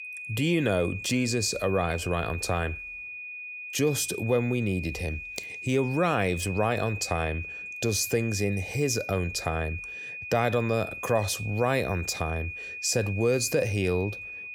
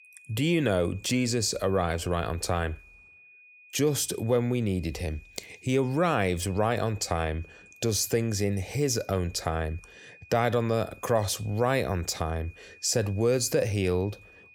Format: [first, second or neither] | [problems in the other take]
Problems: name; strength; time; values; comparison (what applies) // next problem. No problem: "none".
second | high-pitched whine; loud; throughout; 2.5 kHz, 8 dB below the speech; faint in the second